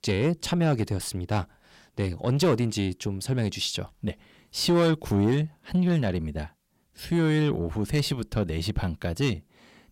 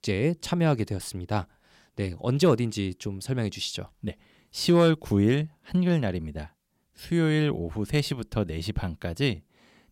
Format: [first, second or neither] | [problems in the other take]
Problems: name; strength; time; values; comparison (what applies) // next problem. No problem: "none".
second | distortion; slight; 10 dB below the speech